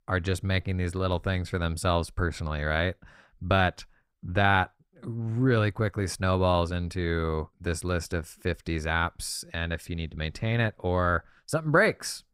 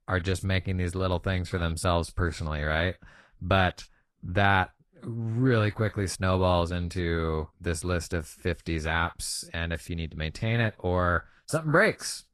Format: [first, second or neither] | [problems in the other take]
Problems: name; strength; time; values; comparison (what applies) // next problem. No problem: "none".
first | garbled, watery; slightly